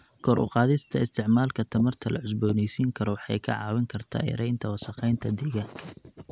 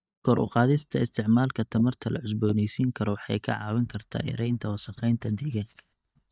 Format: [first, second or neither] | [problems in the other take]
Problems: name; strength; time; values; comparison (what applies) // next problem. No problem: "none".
first | noise reduction (neural mask model DeepFilterNet 3)